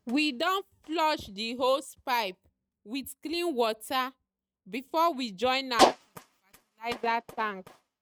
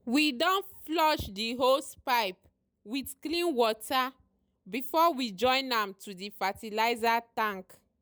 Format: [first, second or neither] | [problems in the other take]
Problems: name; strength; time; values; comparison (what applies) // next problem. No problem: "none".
second | noise reduction (neural mask model RNNoise)